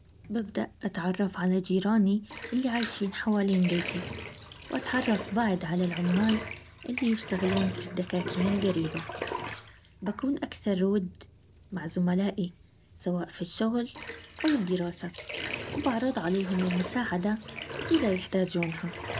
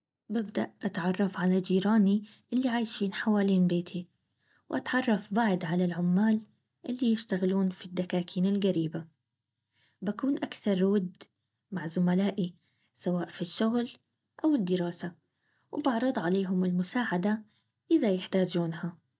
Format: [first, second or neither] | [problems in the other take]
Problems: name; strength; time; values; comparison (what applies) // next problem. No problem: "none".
second | background sound (Bathtub (filling or washing)); 11 dB below the speech